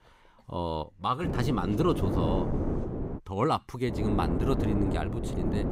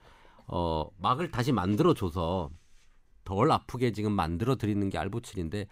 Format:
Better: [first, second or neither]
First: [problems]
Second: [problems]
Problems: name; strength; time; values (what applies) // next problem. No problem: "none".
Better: second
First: wind noise on the microphone; heavy; from 1 to 3 s and from 4 s on; 4 dB below the speech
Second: none